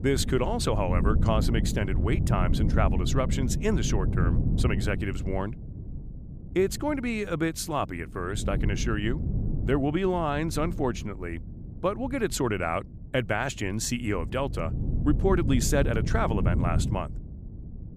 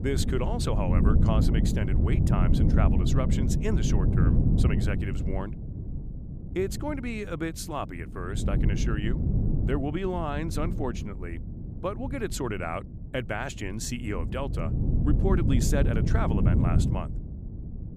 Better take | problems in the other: first | wind noise on the microphone; heavy; 4 dB below the speech; occasional gusts in the first

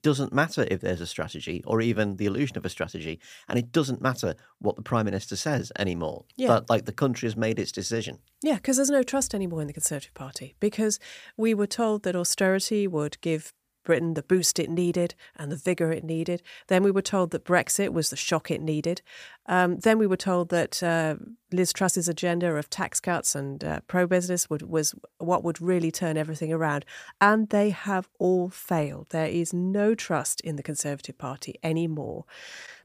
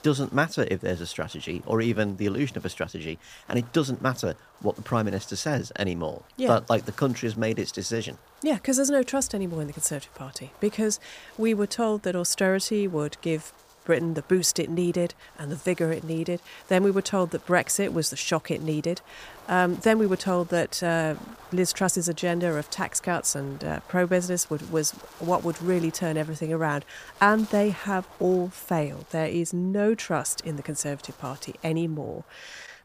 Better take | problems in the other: first | wind noise on the microphone; occasional gusts; 20 dB below the speech

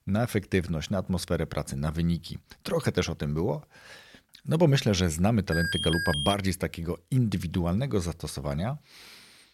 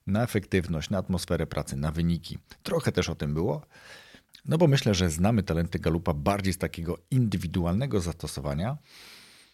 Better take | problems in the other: second | alarm; noticeable; at 5.5 s; peak level with the speech

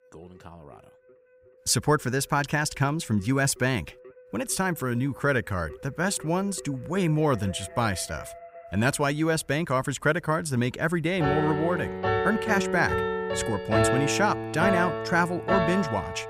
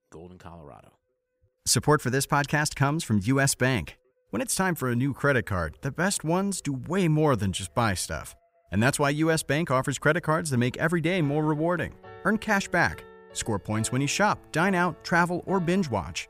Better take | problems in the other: second | background music; loud; throughout; 2 dB below the speech; faint in the second

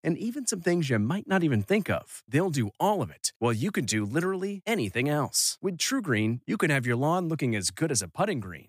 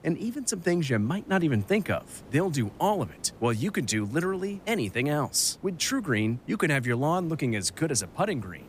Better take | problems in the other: first | hiss; faint; throughout; 25 dB below the speech

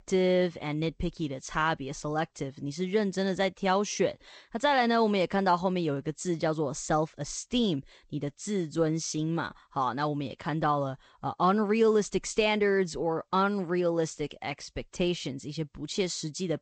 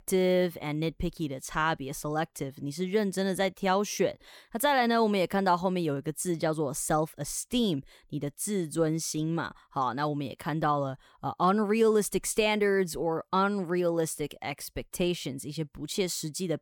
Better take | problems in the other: second | garbled, watery; slightly; nothing above 8 kHz

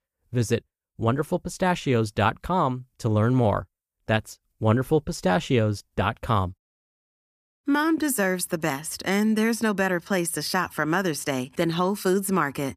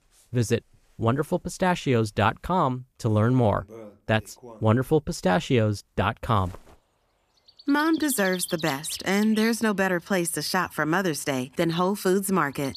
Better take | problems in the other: first | animal sounds; noticeable; throughout; 15 dB below the speech

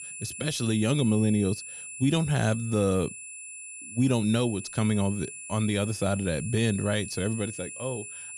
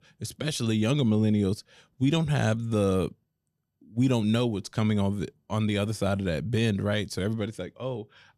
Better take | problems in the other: second | high-pitched whine; noticeable; throughout; 10 kHz, 10 dB below the speech

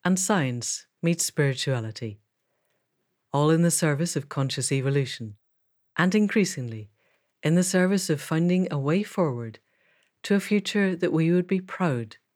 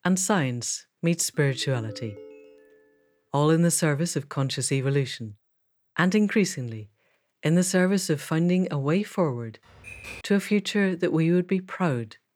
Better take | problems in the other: first | phone ringing; faint; from 1.5 to 3 s; peak 20 dB below the speech // keyboard typing; faint; at 9.5 s; peak 15 dB below the speech

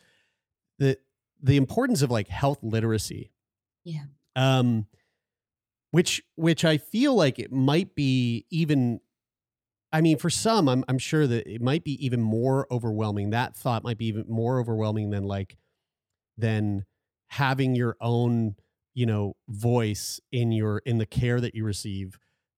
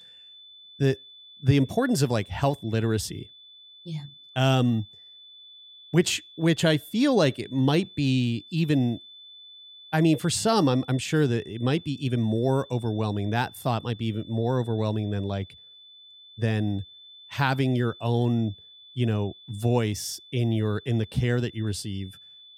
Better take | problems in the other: first | high-pitched whine; faint; throughout; 3.5 kHz, 20 dB below the speech

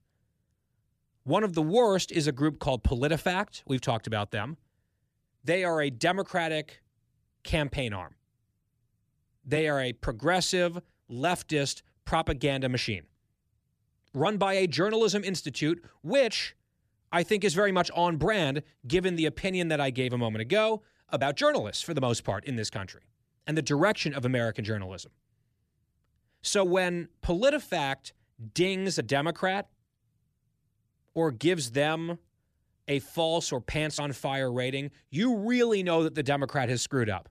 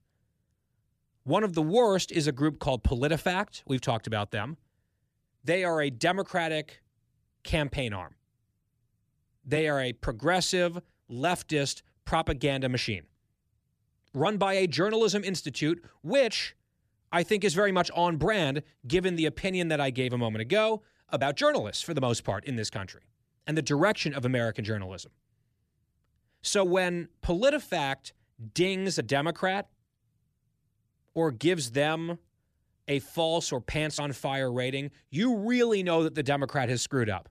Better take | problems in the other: neither | none

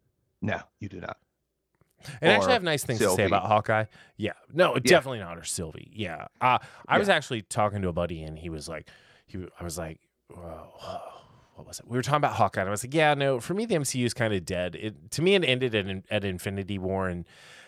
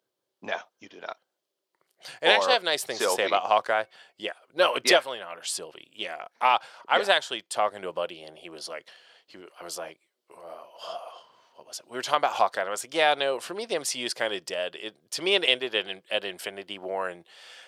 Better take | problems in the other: first | thin; very; fading below 550 Hz

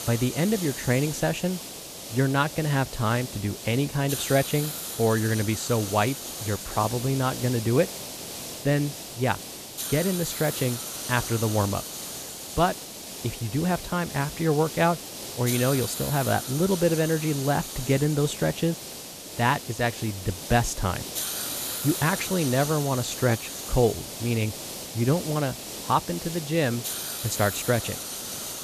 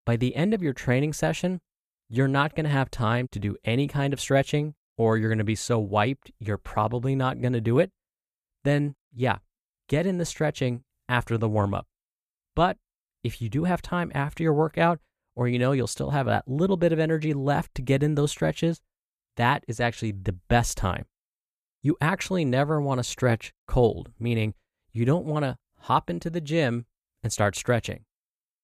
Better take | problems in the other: second | hiss; loud; throughout; 7 dB below the speech

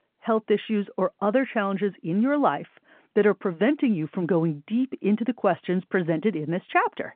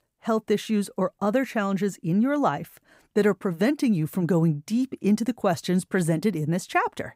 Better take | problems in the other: second | phone-call audio

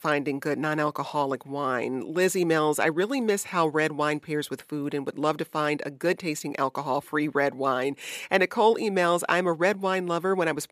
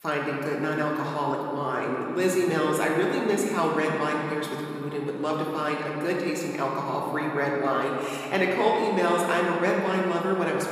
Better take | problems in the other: first | room echo; noticeable; dies away in 2.9 s // off-mic speech; somewhat distant

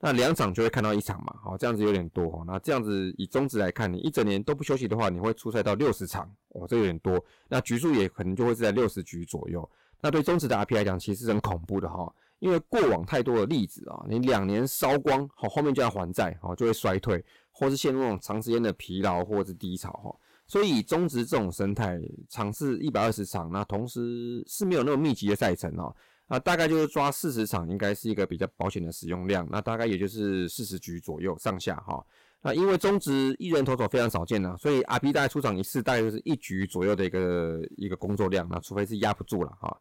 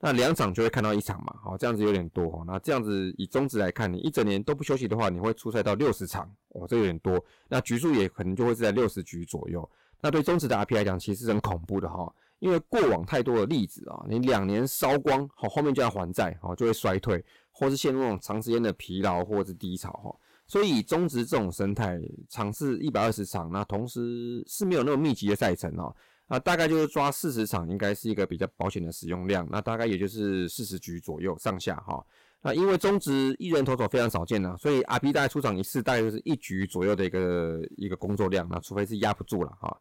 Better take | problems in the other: neither | distortion; heavy; 8% of the sound clipped; the same in both

